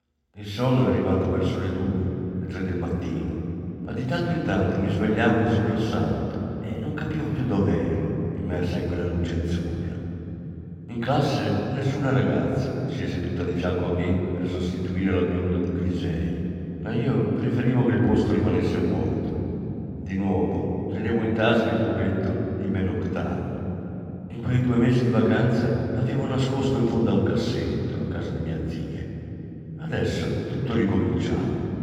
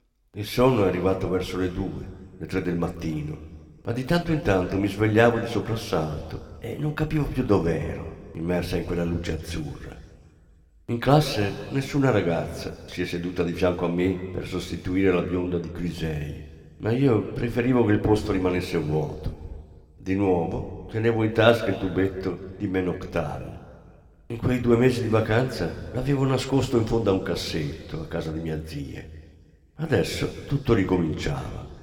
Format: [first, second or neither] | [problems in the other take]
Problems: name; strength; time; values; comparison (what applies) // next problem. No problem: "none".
second | room echo; strong; dies away in 3 s; slight in the second // off-mic speech; far